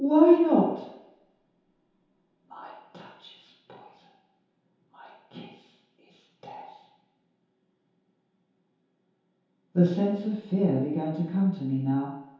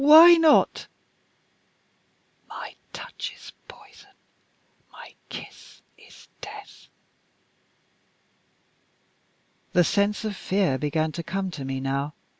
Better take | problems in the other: second | room echo; dies away in 0.8 s

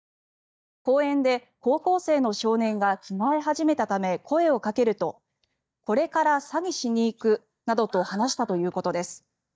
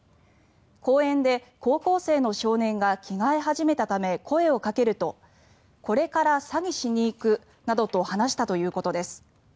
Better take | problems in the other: second | noise reduction (neural mask model DeepFilterNet 3)

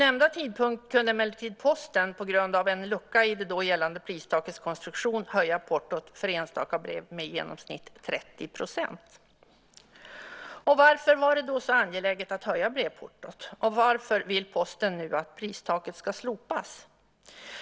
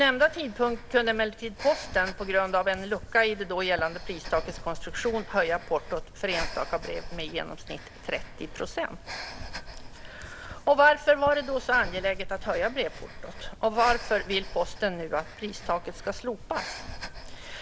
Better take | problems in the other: first | background sound (Breathing); 11 dB below the speech

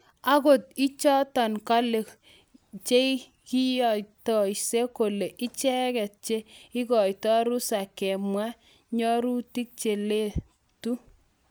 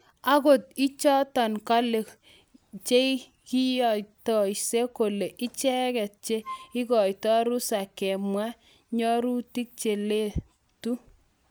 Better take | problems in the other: first | background sound (Wind instrument, woodwind instrument); 15 dB below the speech

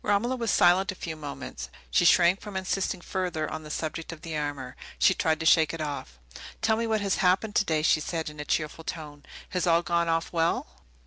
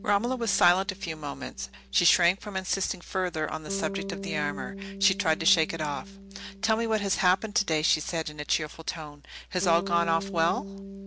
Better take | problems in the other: first | background sound (Bass guitar); 12 dB below the speech

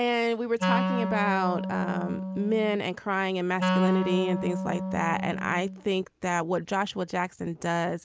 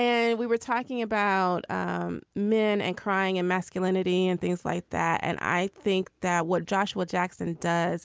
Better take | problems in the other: second | background sound (Wind instrument, woodwind instrument); 2 dB below the speech

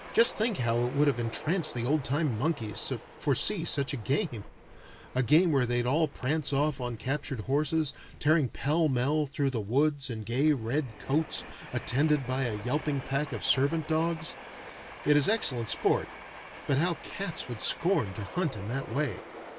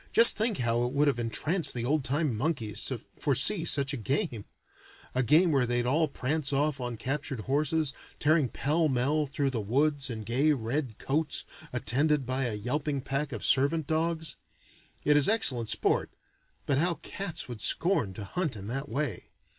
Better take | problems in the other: second | background sound (Train); 16 dB below the speech

